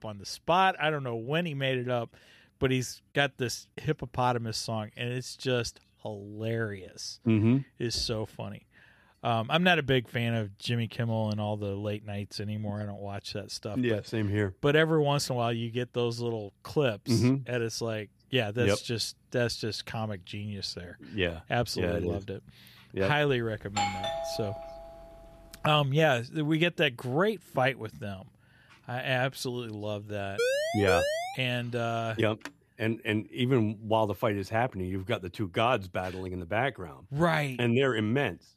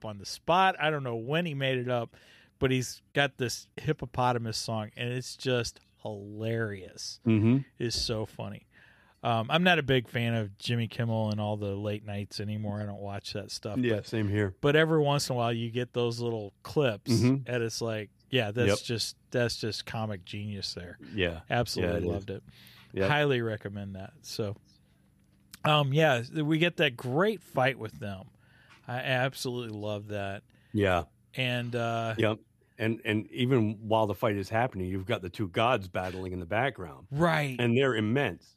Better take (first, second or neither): second